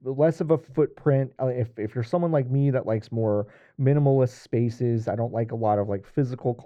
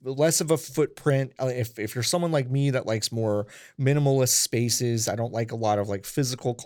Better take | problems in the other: second | muffled; very; fading above 3.5 kHz

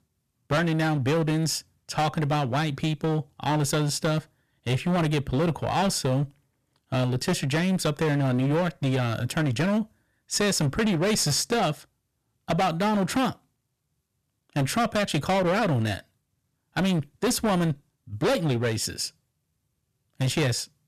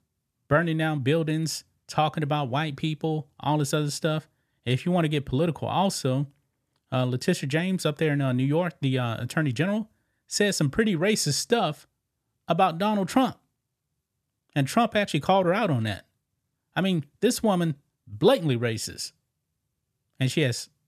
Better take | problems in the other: second | distortion; heavy; 16% of the sound clipped

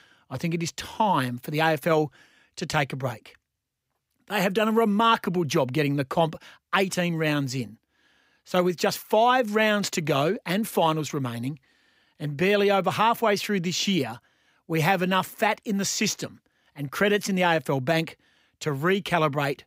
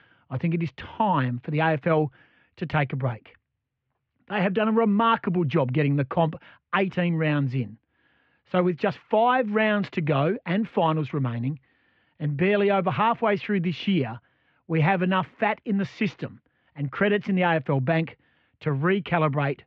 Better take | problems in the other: first | muffled; very; fading above 3 kHz

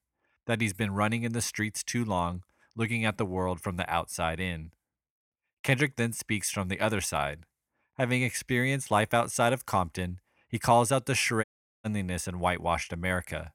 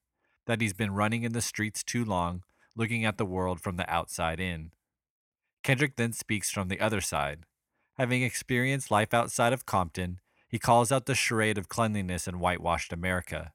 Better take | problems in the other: second | audio cutting out; at 11 s

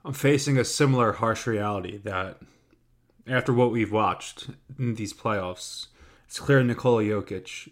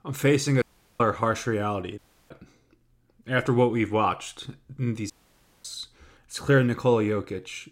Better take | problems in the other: first | audio cutting out; at 0.5 s, at 2 s and at 5 s for 0.5 s

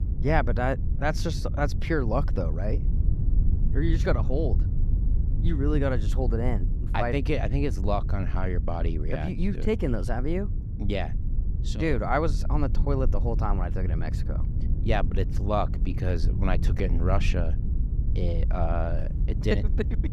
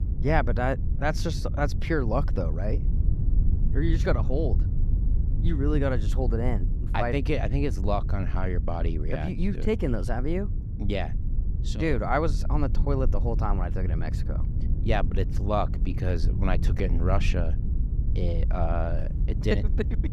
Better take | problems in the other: neither | low rumble; noticeable; throughout; 15 dB below the speech; the same in both

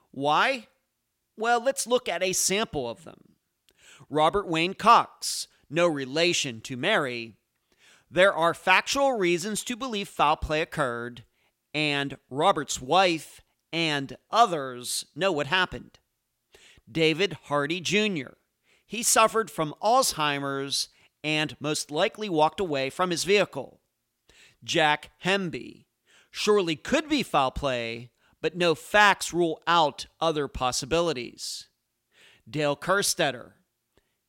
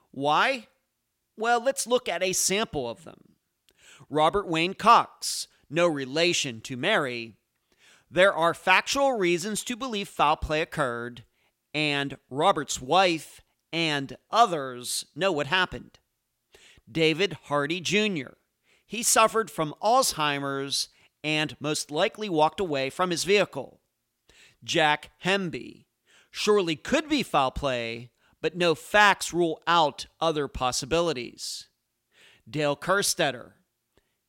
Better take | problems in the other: neither | none

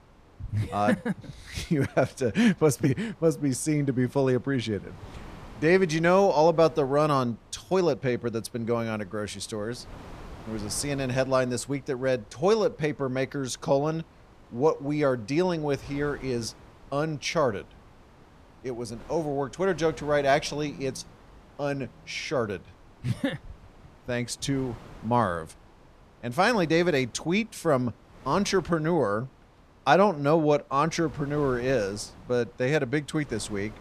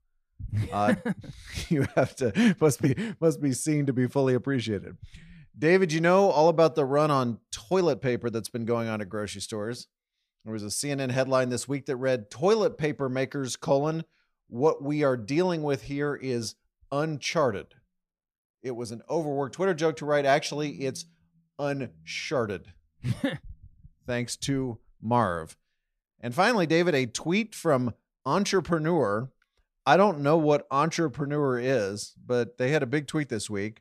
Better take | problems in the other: second | wind noise on the microphone; occasional gusts; 25 dB below the speech

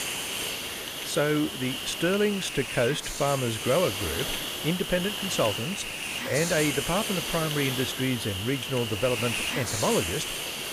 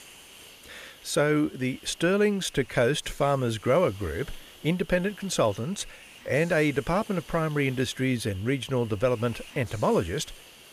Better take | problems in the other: second | hiss; loud; throughout; 2 dB below the speech; faint in the second

